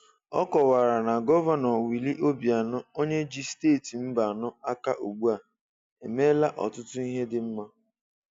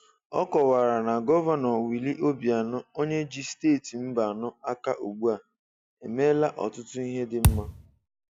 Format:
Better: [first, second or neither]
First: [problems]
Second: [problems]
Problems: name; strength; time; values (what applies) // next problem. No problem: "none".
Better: first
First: none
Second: background sound (Thump, thud); 1 dB above the speech